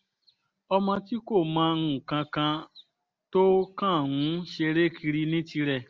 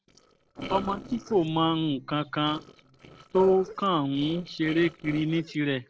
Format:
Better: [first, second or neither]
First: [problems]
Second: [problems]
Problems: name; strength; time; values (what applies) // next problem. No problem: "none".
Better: first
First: none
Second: noise reduction (neural separator model SepFormer DNS4)